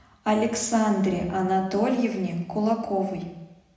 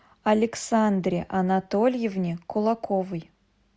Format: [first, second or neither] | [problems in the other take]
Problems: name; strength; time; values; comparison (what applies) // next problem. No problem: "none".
second | room echo; dies away in 0.9 s